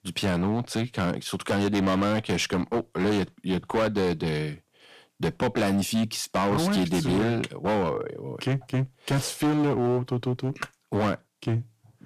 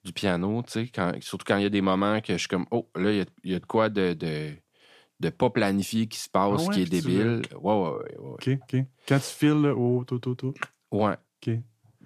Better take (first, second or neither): second